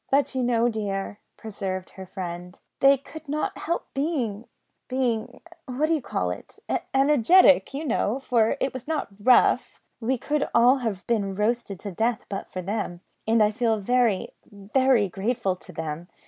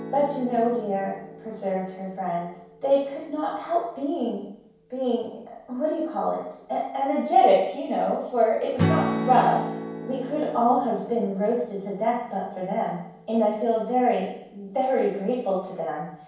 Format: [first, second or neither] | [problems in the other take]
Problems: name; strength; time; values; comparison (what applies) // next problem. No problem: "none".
first | background sound (Strum); 10 dB below the speech // room echo; dies away in 0.7 s